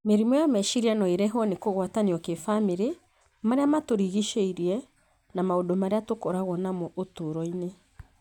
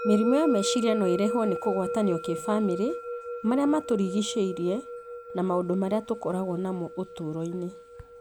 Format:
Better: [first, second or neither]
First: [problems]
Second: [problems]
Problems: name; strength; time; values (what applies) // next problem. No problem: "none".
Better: first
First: none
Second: background sound (Musical instrument); 7 dB below the speech